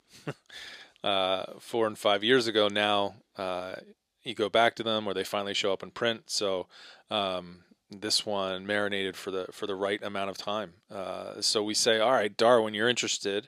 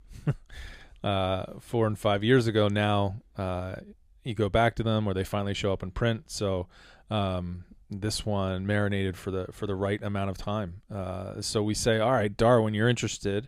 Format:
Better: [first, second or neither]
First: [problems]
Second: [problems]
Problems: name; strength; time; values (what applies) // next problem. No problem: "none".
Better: second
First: thin; somewhat; fading below 300 Hz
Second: none